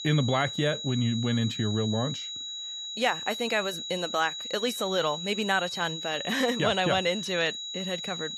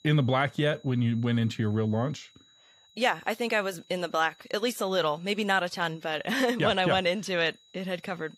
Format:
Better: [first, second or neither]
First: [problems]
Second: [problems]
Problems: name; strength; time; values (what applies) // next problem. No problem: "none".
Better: second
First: high-pitched whine; loud; throughout; 4 kHz, 6 dB below the speech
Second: high-pitched whine; faint; throughout; 4 kHz, 30 dB below the speech